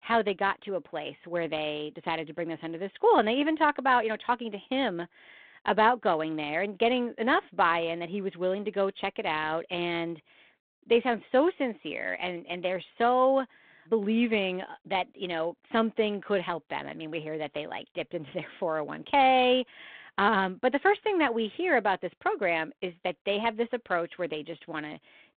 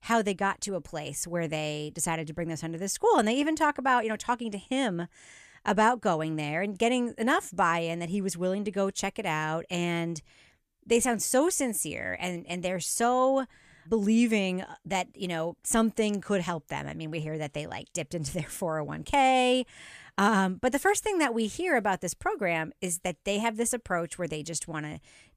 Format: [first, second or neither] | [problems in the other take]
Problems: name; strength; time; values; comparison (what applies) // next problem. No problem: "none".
second | phone-call audio